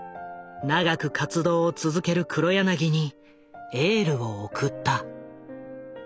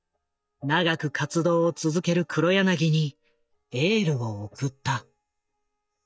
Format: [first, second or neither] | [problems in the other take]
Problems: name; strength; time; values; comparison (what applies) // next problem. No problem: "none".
first | noise reduction (neural mask model DeepFilterNet 3)